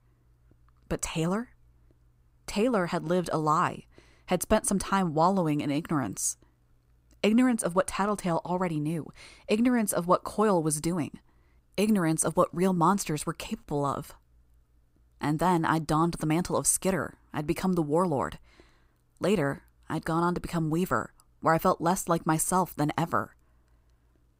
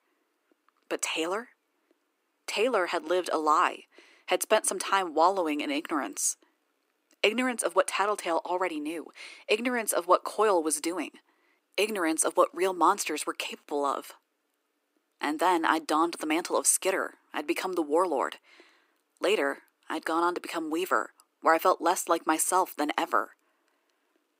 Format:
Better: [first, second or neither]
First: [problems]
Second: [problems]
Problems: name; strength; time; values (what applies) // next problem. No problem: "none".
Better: first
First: none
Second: thin; somewhat; fading below 300 Hz